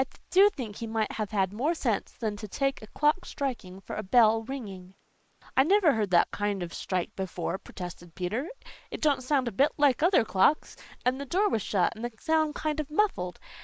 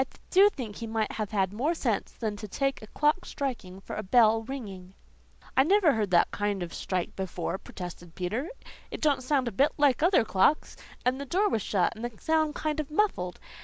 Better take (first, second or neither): second